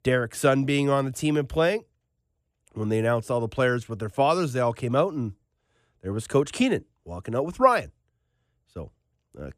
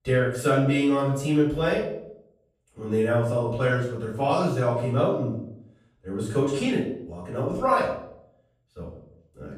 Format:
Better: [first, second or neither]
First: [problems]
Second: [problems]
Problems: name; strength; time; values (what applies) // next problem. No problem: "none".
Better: first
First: none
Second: off-mic speech; far // room echo; noticeable; dies away in 0.6 s